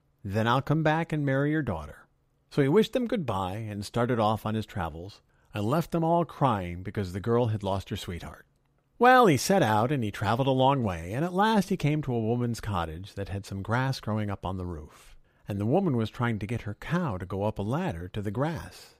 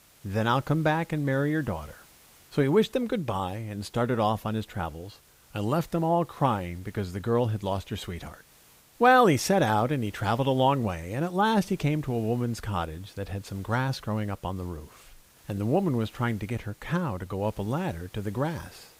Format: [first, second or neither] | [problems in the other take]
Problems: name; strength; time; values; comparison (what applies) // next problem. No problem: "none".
first | hiss; faint; throughout; 25 dB below the speech